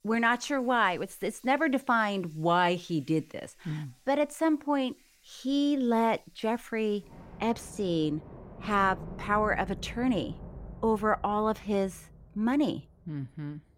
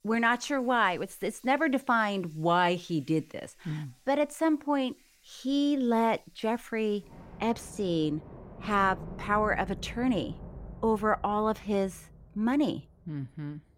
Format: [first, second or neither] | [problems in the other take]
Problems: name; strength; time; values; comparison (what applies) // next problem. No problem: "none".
neither | rain or running water; noticeable; throughout; 15 dB below the speech; the same in both